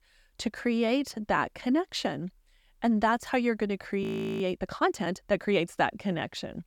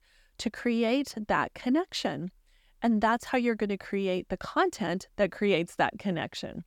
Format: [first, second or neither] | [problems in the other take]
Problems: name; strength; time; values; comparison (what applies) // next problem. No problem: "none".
second | audio freezing; at 4 s